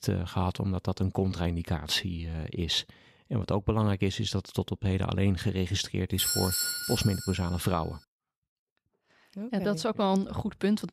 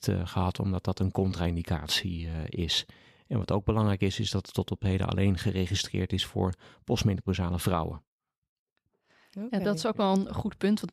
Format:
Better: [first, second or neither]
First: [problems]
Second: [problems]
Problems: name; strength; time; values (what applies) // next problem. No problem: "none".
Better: second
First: doorbell; loud; from 6 to 7.5 s; peak 3 dB above the speech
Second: none